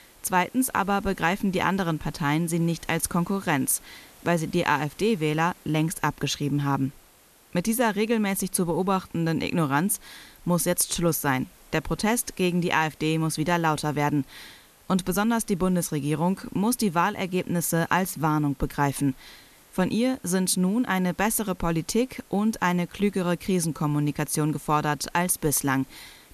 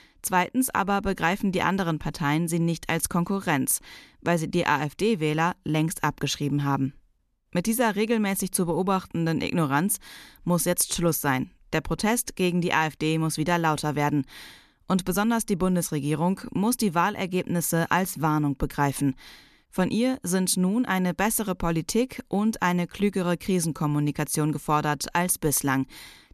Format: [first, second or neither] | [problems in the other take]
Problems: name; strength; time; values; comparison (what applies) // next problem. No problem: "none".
second | hiss; faint; throughout; 25 dB below the speech